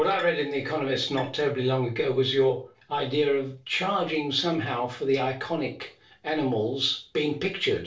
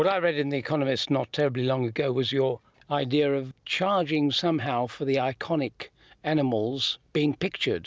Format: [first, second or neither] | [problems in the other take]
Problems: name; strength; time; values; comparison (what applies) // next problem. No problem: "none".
second | noise reduction (neural separator model SepFormer DNS4)